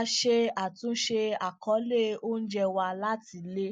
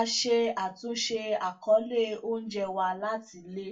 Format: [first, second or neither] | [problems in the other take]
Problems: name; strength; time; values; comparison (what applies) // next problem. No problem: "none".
first | room echo; dies away in 0.2 s